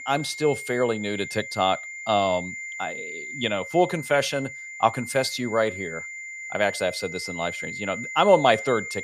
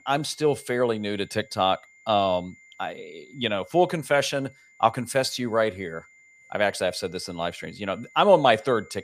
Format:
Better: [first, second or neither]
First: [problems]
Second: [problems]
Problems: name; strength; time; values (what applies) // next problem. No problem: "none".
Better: second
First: high-pitched whine; loud; throughout; 2 kHz, 9 dB below the speech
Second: high-pitched whine; faint; throughout; 2 kHz, 25 dB below the speech